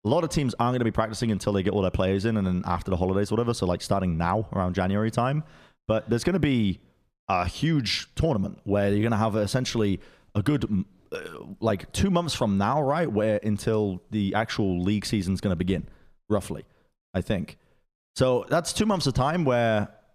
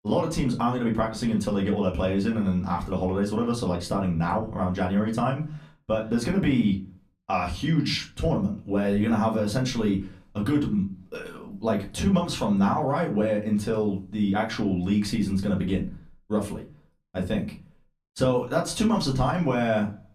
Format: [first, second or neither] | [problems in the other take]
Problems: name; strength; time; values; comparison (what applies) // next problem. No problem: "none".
first | off-mic speech; far // room echo; very slight; dies away in 0.2 s